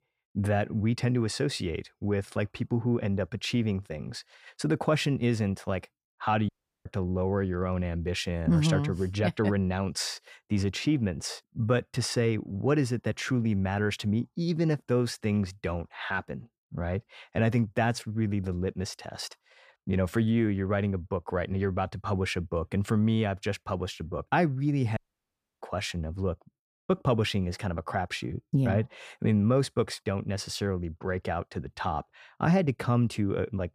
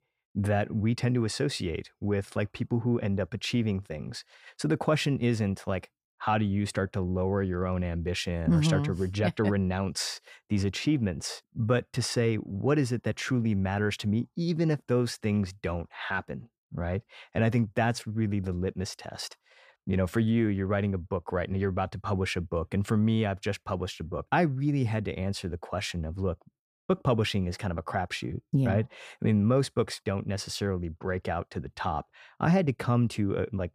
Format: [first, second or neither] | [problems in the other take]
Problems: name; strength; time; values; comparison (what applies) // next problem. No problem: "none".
second | audio cutting out; at 6.5 s and at 25 s for 0.5 s